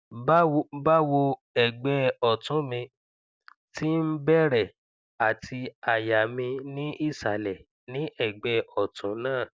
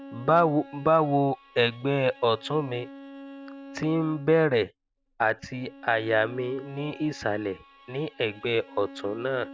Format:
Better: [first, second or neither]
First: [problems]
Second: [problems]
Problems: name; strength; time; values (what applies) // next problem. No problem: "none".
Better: first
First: none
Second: background sound (Bowed string instrument); 19 dB below the speech